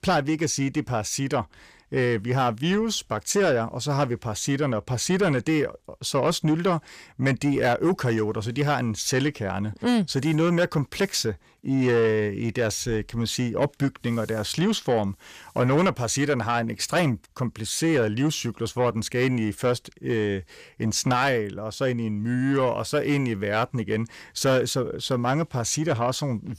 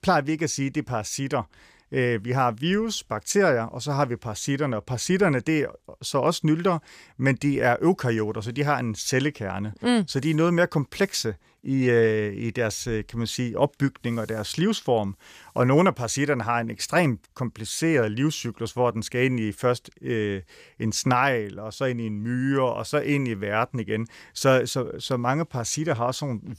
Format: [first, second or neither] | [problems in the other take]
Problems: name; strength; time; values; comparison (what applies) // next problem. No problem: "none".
second | distortion; slight; 10 dB below the speech